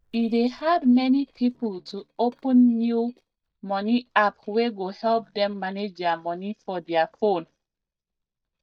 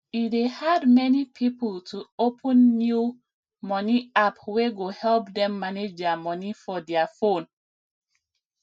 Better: second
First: noise reduction (neural mask model DeepFilterNet 3)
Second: none

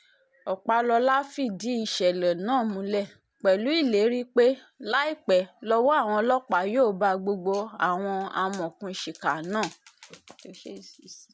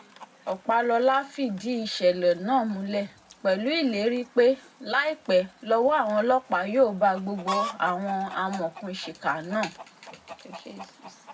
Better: first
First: none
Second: background sound (Chicken, rooster); 16 dB below the speech // room echo; dies away in 0.3 s

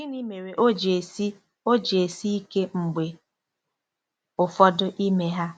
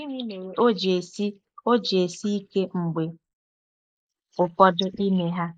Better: first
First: none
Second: noise reduction (neural mask model Resemble Enhance denoiser)

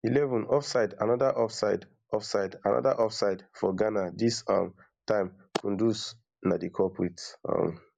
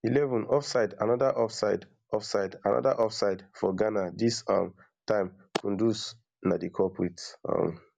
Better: second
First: noise reduction (neural mask model Resemble Enhance denoiser)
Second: none

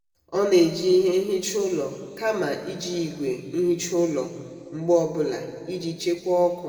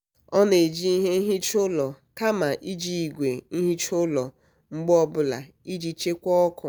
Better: second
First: room echo; dies away in 1.9 s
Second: none

